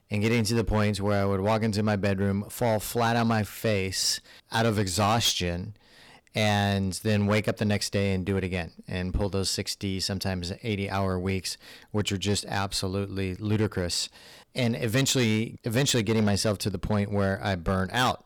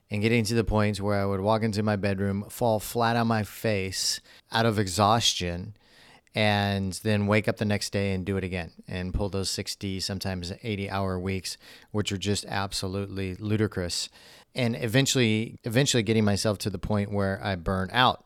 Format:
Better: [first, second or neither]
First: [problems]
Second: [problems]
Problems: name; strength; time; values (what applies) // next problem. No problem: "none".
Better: second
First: distortion; slight; 6% of the sound clipped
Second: none